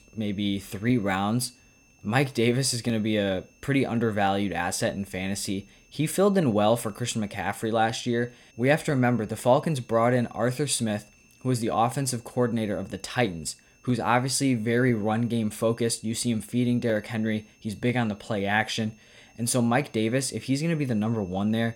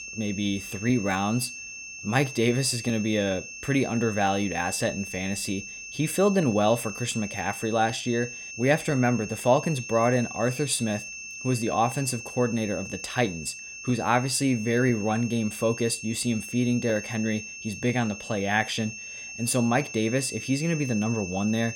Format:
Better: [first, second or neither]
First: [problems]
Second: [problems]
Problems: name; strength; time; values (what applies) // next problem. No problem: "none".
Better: first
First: high-pitched whine; faint; throughout; 2.5 kHz, 30 dB below the speech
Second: high-pitched whine; loud; throughout; 2.5 kHz, 10 dB below the speech